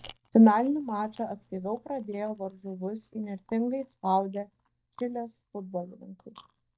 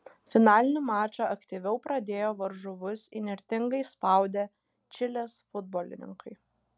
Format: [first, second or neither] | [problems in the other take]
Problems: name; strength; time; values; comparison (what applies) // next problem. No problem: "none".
second | noise reduction (neural mask model DeepFilterNet 3)